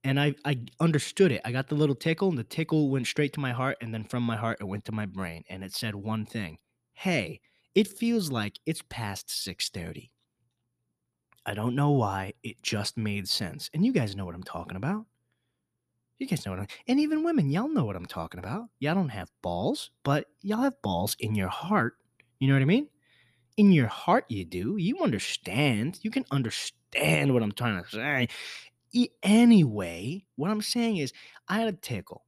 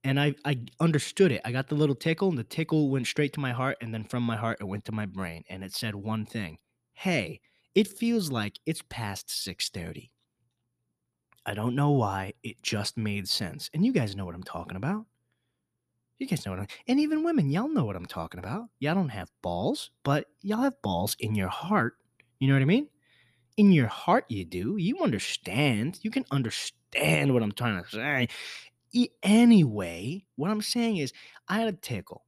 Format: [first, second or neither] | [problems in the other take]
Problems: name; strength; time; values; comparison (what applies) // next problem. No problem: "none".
neither | none